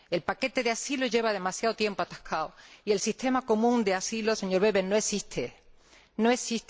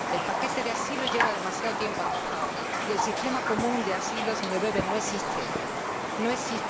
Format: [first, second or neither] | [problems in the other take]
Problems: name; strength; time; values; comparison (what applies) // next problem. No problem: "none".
first | background sound (Raindrop); 3 dB above the speech